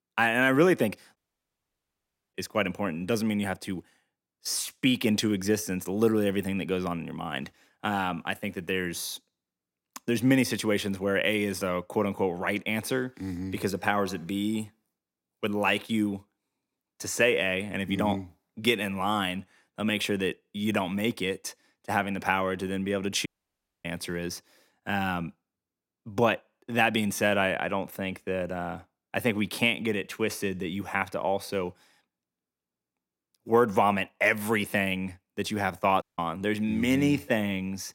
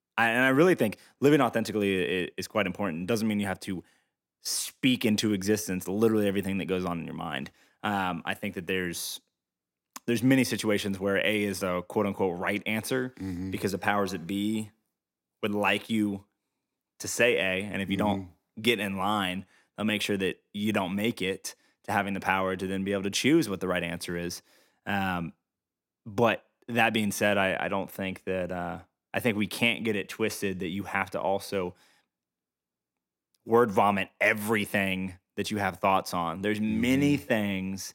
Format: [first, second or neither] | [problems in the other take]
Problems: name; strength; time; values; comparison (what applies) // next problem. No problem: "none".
second | audio cutting out; at 1 s for 1 s, at 23 s for 0.5 s and at 36 s